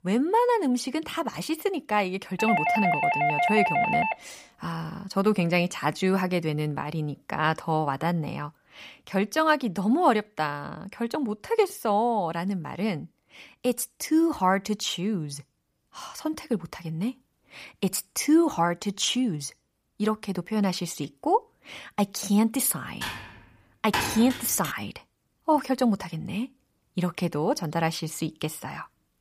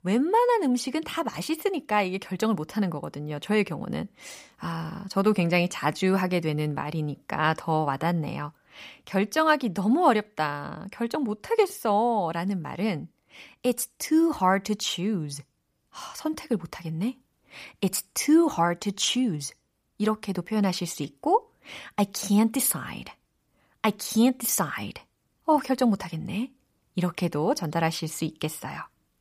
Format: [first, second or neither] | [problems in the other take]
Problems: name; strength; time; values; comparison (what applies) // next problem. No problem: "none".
second | doorbell; loud; from 2.5 to 4 s; peak 3 dB above the speech // keyboard typing; noticeable; from 23 to 25 s; peak 1 dB below the speech